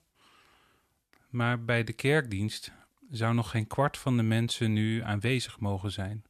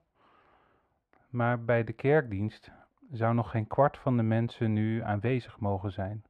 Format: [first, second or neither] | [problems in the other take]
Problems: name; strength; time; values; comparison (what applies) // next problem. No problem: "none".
first | muffled; very; fading above 3.5 kHz